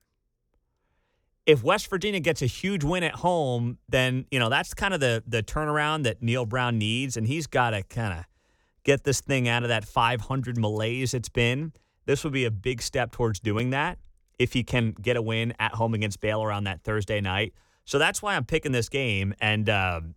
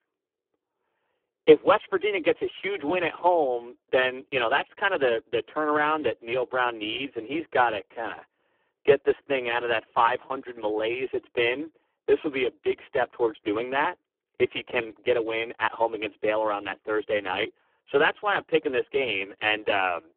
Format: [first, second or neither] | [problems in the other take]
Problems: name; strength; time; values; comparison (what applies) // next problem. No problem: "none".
first | phone-call audio; poor line